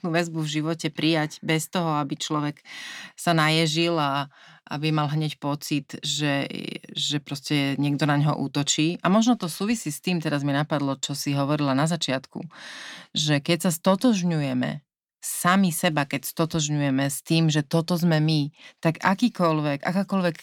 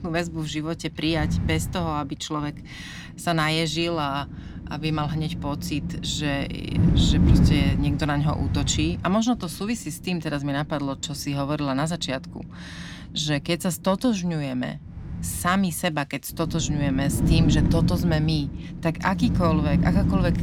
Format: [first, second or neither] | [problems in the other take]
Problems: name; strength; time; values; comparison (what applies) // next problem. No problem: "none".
first | wind noise on the microphone; heavy; 7 dB below the speech